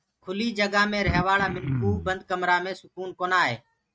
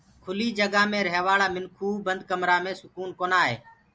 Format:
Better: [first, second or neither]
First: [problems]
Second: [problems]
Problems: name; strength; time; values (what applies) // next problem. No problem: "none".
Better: second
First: noise reduction (neural mask model RNNoise)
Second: none